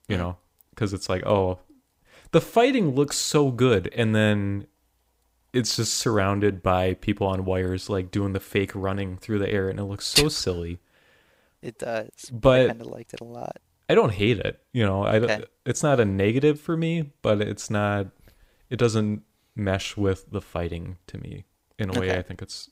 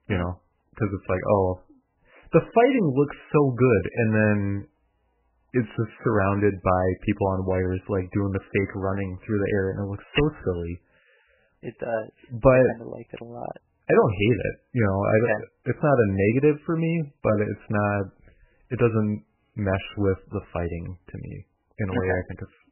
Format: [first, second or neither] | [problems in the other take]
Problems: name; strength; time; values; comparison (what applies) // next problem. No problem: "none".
first | garbled, watery; badly; nothing above 3 kHz